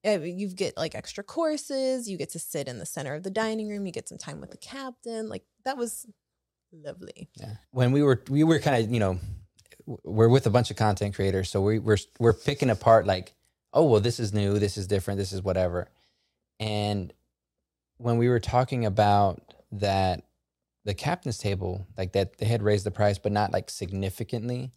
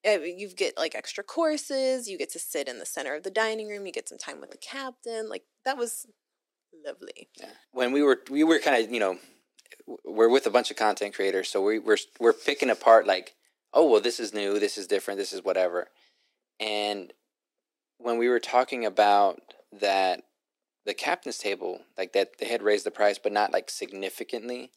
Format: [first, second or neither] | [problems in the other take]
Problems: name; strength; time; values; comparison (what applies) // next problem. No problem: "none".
first | thin; somewhat; fading below 250 Hz